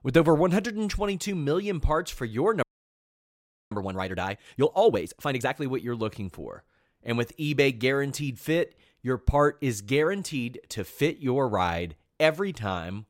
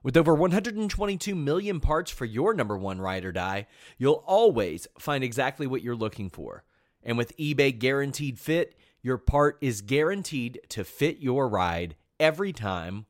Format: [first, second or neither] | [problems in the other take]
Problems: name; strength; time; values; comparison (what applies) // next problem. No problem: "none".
second | audio freezing; at 2.5 s for 1 s